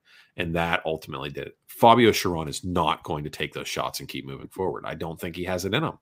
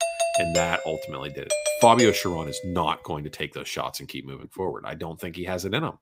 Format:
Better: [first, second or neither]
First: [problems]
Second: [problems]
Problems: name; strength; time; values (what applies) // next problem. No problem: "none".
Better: first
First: none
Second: doorbell; loud; until 2.5 s; peak 3 dB above the speech